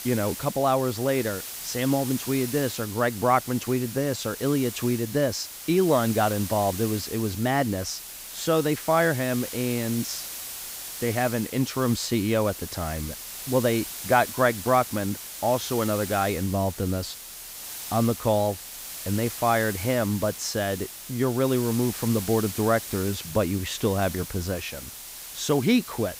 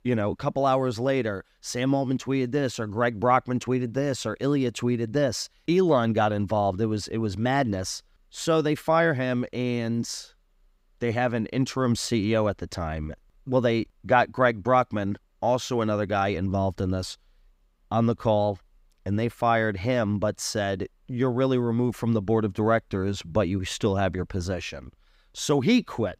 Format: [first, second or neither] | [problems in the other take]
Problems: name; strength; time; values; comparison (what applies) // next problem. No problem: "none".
second | hiss; loud; throughout; 9 dB below the speech